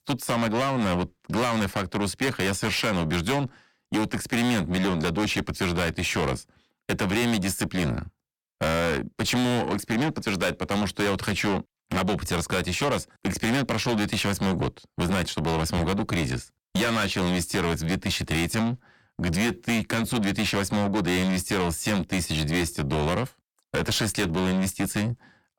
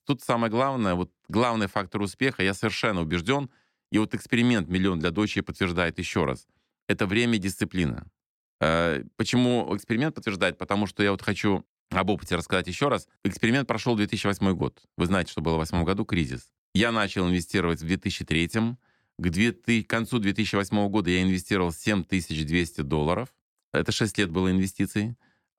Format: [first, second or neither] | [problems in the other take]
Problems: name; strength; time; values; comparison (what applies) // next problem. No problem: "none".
second | distortion; heavy; 6 dB below the speech